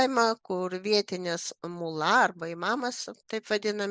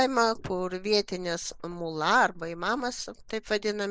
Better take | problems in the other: first | noise reduction (neural mask model Resemble Enhance denoiser)

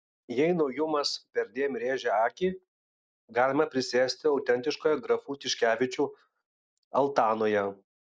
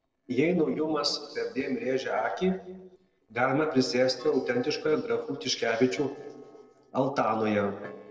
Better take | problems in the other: first | noise reduction (neural separator model SepFormer DNS4)

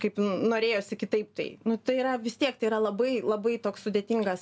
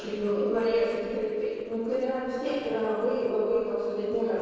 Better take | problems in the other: first | noise reduction (neural separator model SepFormer DNS4)

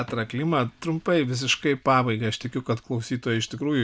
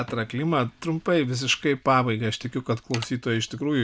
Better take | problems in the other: first | background sound (Mechanisms); 11 dB below the speech

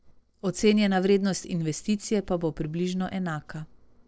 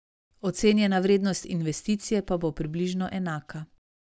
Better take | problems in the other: second | noise reduction (neural separator model SepFormer DNS4)

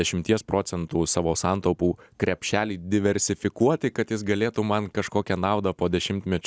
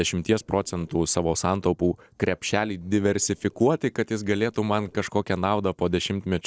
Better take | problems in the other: first | noise reduction (neural separator model SepFormer DNS4)

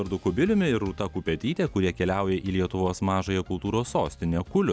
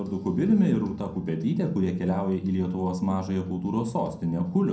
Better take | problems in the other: first | room echo; dies away in 0.5 s

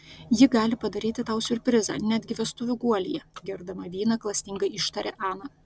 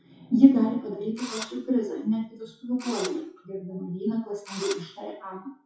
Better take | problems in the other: first | noise reduction (classical method WPE with log-MMSE)

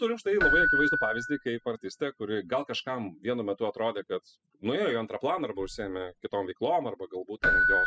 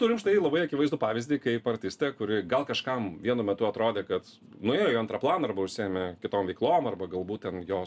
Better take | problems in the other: second | noise reduction (classical method spectral subtraction)

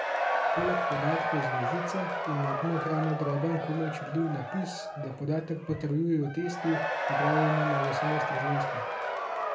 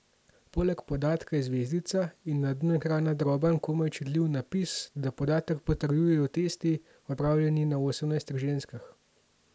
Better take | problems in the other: second | background sound (Crowd / Cheering); as loud as the speech // room echo; dies away in 0.3 s

